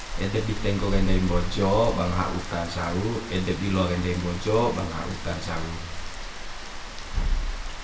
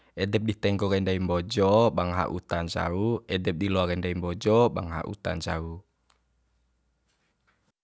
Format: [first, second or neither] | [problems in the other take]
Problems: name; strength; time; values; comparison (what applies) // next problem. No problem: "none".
second | background sound (Rain); 2 dB below the speech // room echo; dies away in 1 s